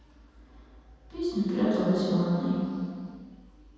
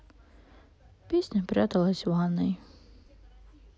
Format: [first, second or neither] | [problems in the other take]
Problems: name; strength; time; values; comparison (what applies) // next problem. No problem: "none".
second | room echo; dies away in 2.1 s